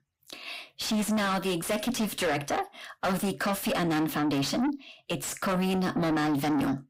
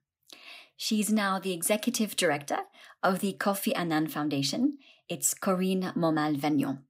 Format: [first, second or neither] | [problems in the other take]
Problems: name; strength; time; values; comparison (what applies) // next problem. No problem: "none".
second | distortion; heavy; 6 dB below the speech